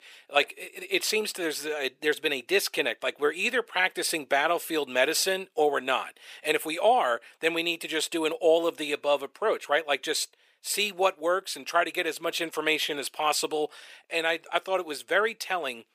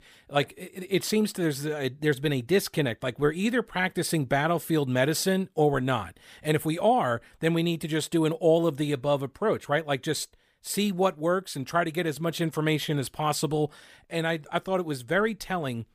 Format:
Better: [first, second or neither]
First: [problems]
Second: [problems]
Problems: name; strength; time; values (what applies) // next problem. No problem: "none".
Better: second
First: thin; very; fading below 400 Hz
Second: none